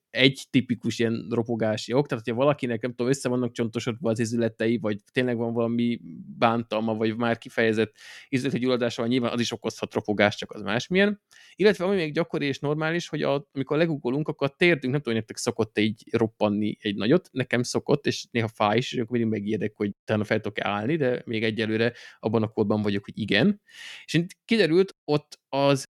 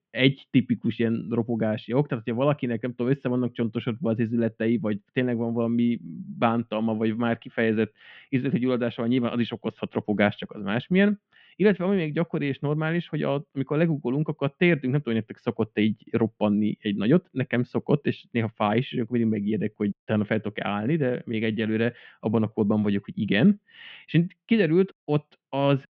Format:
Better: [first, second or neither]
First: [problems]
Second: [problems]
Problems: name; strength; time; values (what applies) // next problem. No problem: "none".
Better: first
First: none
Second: muffled; very; fading above 3 kHz